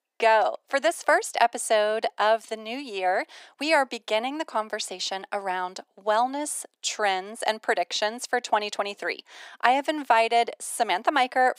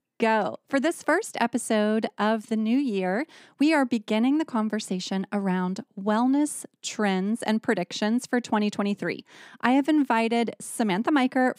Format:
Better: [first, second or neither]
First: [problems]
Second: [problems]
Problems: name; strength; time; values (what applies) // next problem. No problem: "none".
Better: second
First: thin; very; fading below 500 Hz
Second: none